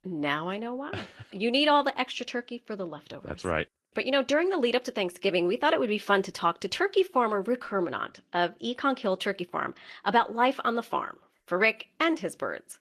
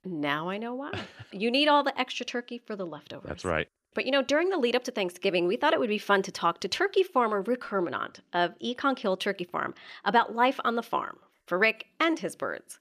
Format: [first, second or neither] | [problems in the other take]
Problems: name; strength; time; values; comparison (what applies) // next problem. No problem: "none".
second | garbled, watery; slightly; nothing above 13 kHz